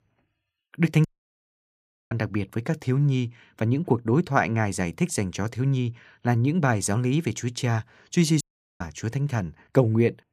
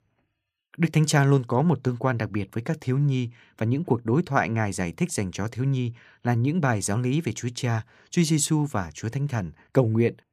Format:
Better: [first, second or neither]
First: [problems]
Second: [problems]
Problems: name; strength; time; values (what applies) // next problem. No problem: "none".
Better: second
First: audio cutting out; at 1 s for 1 s and at 8.5 s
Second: none